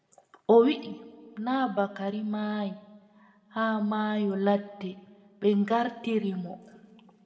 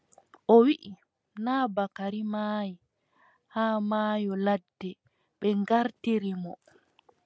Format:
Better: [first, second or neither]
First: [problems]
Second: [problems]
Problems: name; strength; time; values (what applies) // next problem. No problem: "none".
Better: second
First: room echo; dies away in 1.1 s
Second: none